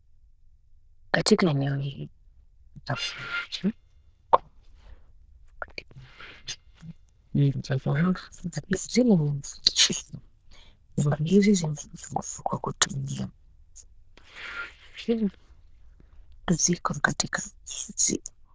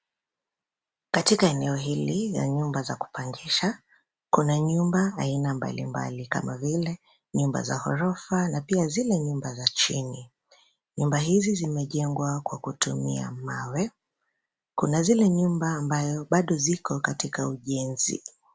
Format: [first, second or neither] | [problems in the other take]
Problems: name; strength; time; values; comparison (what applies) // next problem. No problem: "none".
second | noise reduction (neural diffusion model UNIVERSE++)